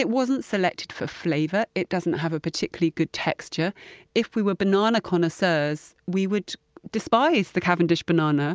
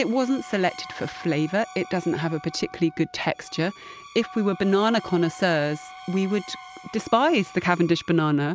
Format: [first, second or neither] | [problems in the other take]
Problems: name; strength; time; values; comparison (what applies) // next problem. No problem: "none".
first | background sound (Wind instrument, woodwind instrument + Screech); 18 dB below the speech